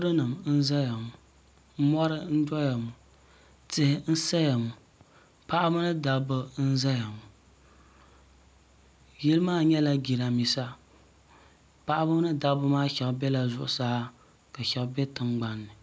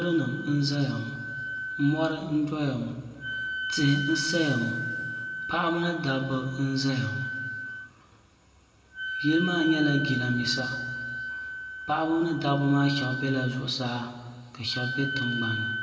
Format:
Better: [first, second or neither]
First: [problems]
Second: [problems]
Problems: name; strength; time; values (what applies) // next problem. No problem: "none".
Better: first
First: none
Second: background sound (Wind instrument, woodwind instrument); 6 dB below the speech // room echo; dies away in 1.6 s